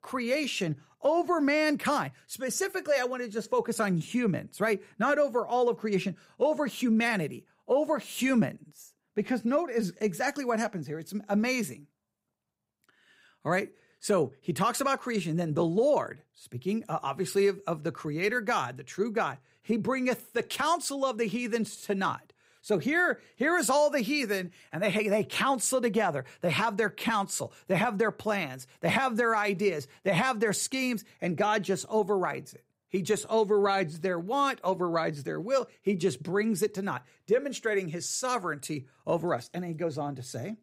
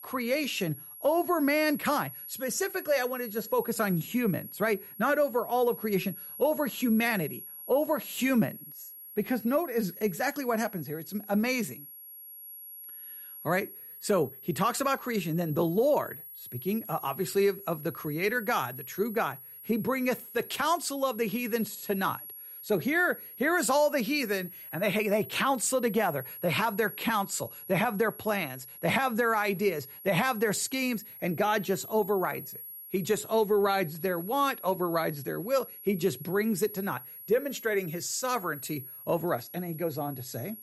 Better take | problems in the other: first | high-pitched whine; noticeable; throughout; 11.5 kHz, 15 dB below the speech

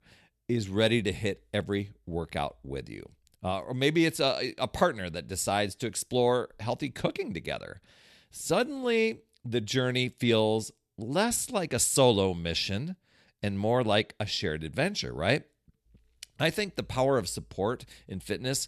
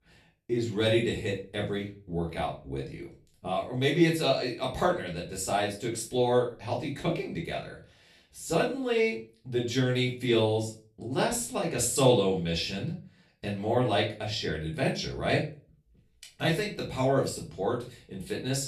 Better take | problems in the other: first | off-mic speech; far // room echo; slight; dies away in 0.3 s

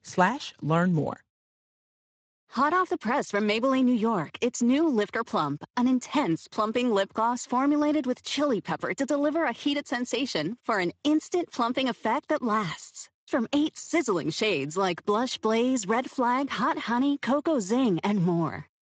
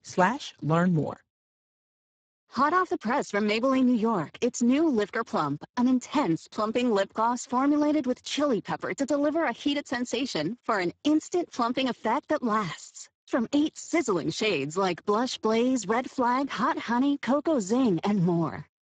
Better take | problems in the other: first | garbled, watery; badly; nothing above 7.5 kHz; slightly in the first

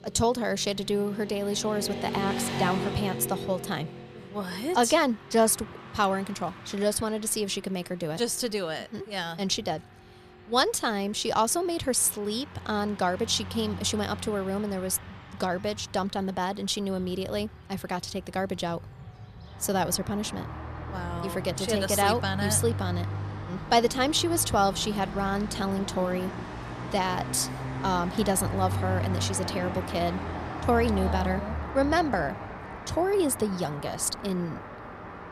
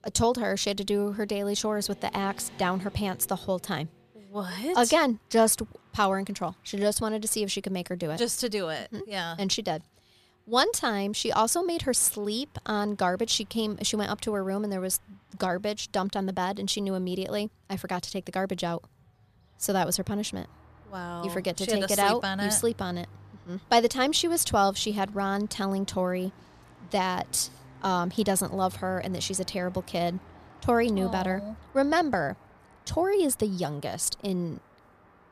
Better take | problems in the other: second | traffic noise; loud; throughout; 8 dB below the speech; faint in the second

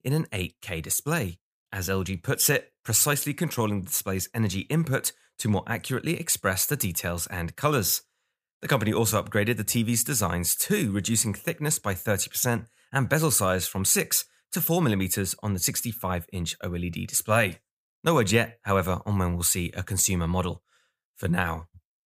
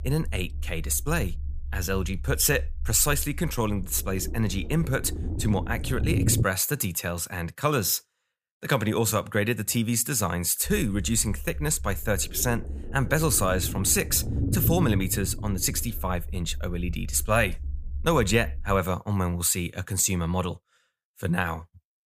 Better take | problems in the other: first | low rumble; noticeable; until 6.5 s and from 11 to 19 s; 15 dB below the speech

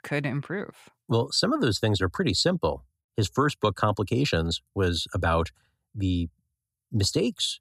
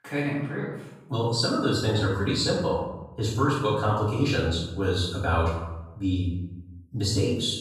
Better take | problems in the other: first | off-mic speech; far // room echo; noticeable; dies away in 0.8 s

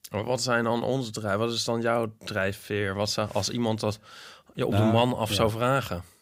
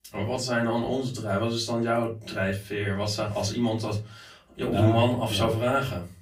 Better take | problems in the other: first | off-mic speech; far // room echo; very slight; dies away in 0.2 s

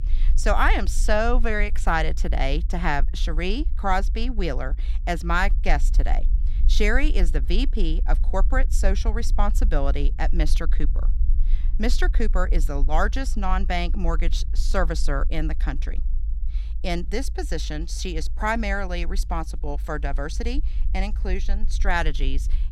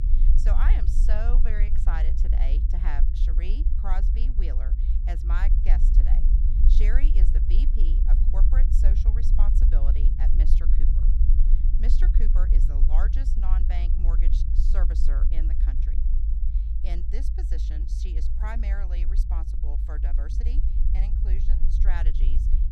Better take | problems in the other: first | low rumble; loud; throughout; 4 dB below the speech; faint in the first

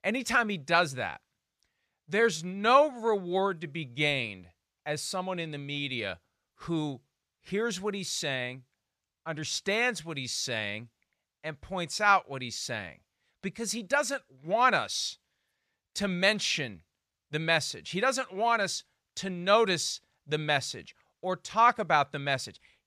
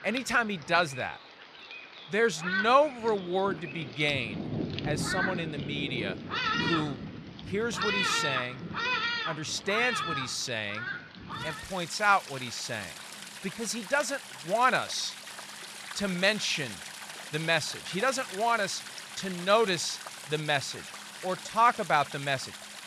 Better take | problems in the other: first | rain or running water; loud; throughout; 6 dB below the speech

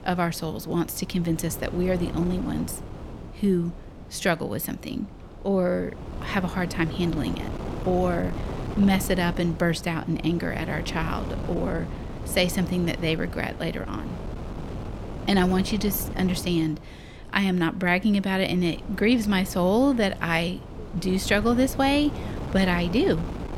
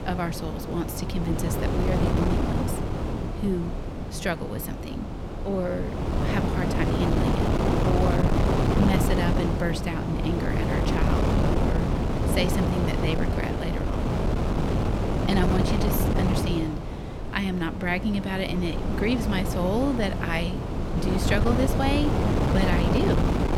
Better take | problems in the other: first | wind noise on the microphone; heavy; 1 dB above the speech; occasional gusts in the first

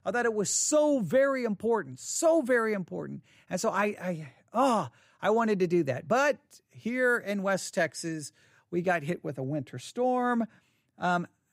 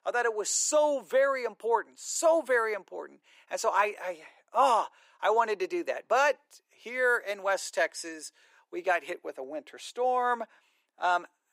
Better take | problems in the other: first | thin; very; fading below 400 Hz

